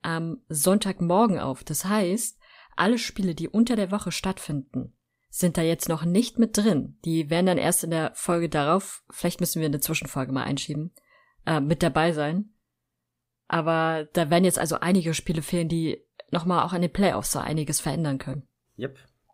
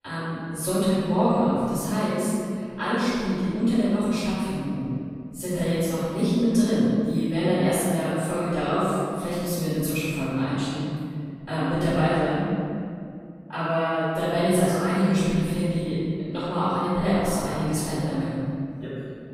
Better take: first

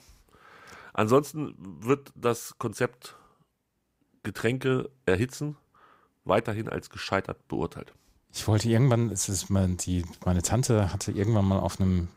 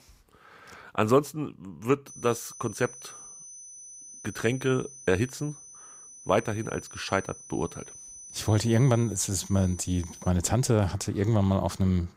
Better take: first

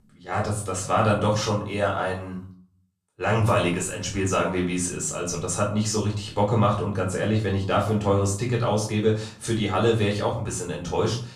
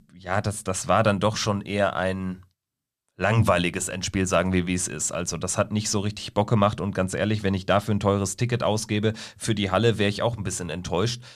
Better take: second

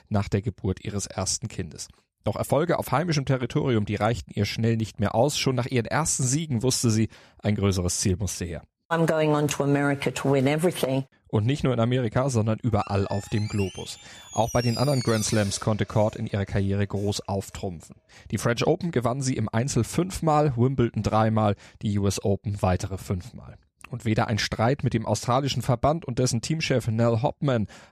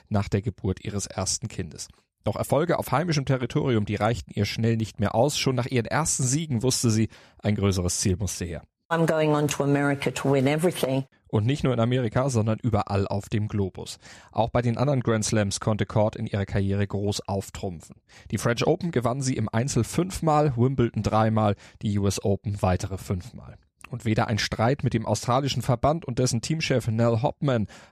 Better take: second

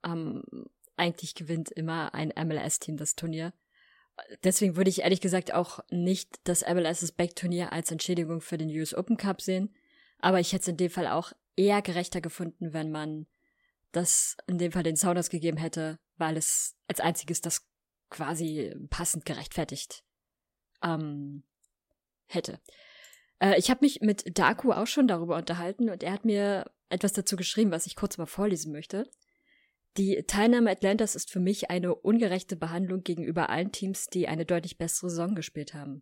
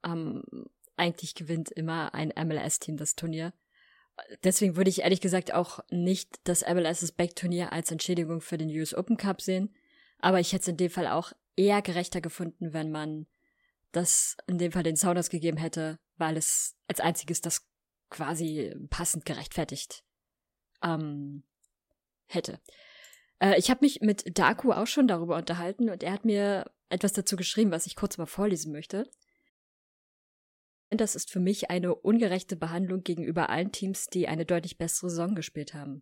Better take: first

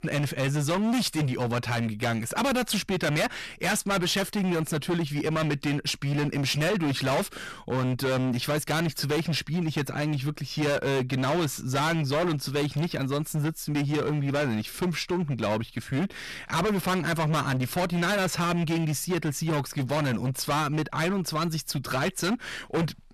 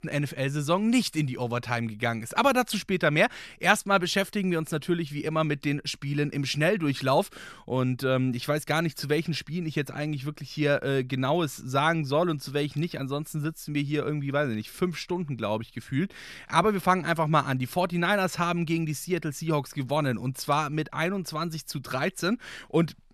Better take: second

